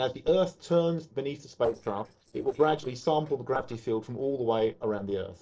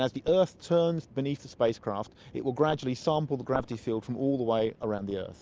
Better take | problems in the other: second | noise reduction (neural separator model SepFormer DNS4)

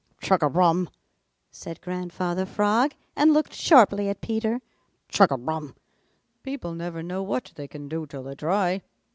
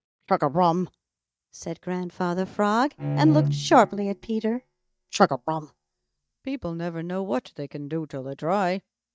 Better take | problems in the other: first | noise reduction (neural mask model DeepFilterNet 3)

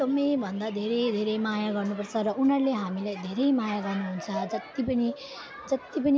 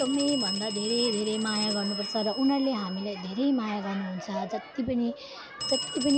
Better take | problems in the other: first | background sound (Telephone); 7 dB below the speech

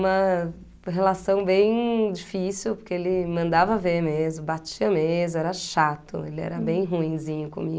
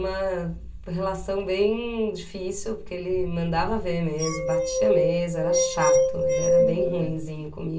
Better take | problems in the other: first | background sound (Glass); 4 dB above the speech // room echo; dies away in 0.2 s

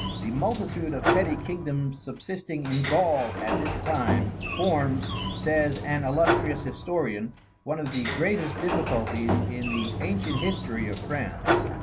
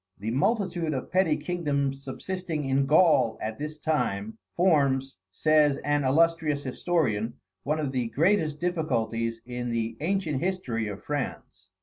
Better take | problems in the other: second | background sound (Sliding door); 1 dB below the speech

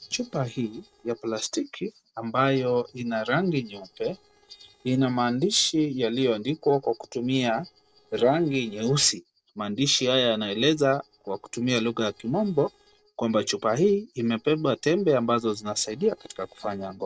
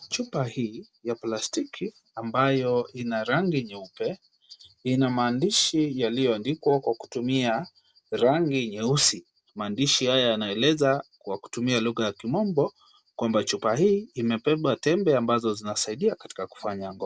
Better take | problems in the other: second | noise reduction (neural separator model SepFormer DNS4)

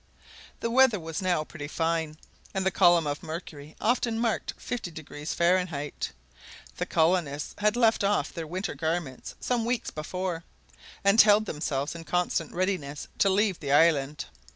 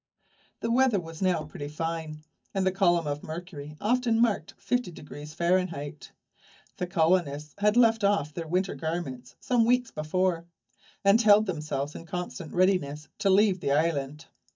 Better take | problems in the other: first | noise reduction (neural mask model DeepFilterNet 3)

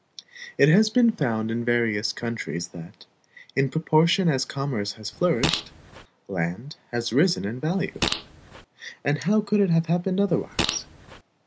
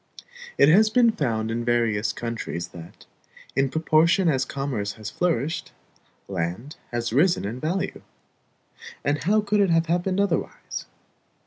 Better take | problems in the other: second | background sound (Fart); 6 dB below the speech

